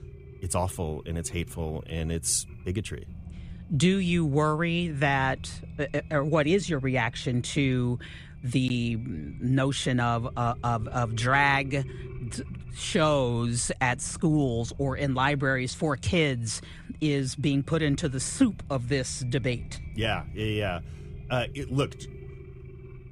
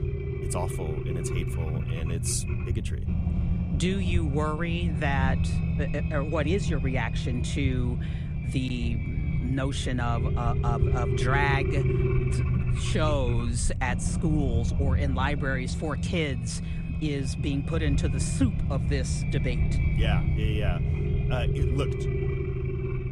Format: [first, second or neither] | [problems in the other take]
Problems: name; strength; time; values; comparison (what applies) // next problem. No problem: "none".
first | low rumble; loud; throughout; 6 dB below the speech; faint in the first